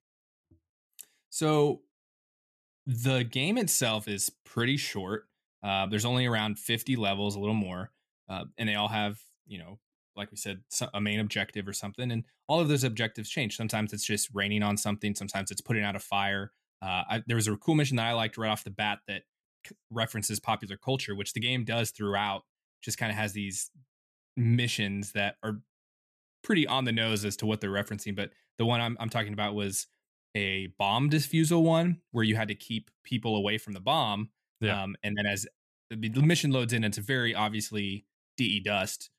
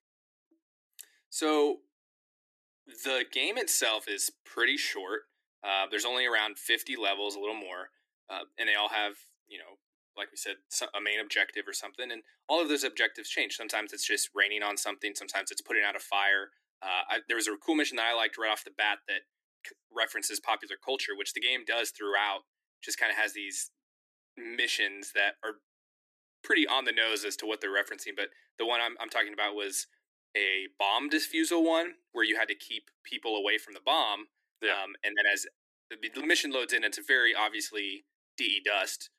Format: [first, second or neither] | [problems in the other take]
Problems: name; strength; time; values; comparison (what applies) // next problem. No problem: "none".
first | thin; very; fading below 300 Hz